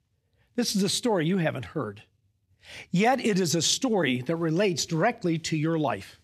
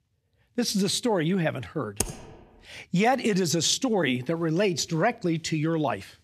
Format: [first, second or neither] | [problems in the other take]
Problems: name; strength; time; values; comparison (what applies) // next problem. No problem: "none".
first | keyboard typing; noticeable; at 2 s; peak 5 dB below the speech